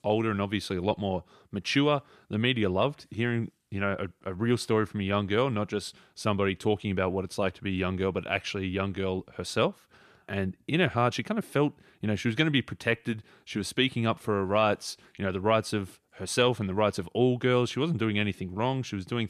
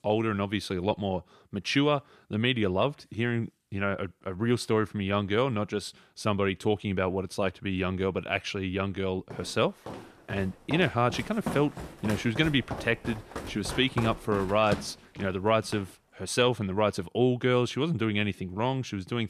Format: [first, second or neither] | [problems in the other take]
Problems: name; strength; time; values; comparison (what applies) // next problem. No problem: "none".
first | footsteps; noticeable; from 9.5 to 16 s; peak 7 dB below the speech